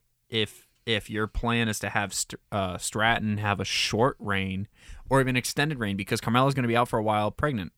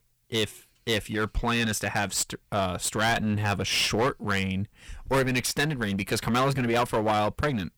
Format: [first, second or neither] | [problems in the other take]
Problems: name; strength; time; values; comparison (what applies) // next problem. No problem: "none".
first | distortion; heavy; 12% of the sound clipped